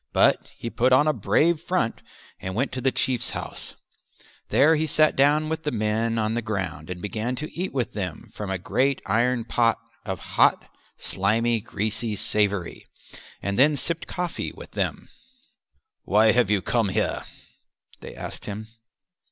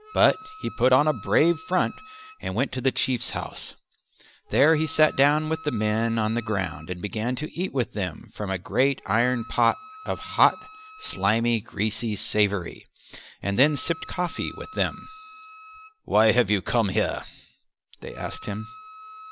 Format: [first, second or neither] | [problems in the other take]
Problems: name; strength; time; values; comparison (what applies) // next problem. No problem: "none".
first | background sound (Wind instrument, woodwind instrument); 20 dB below the speech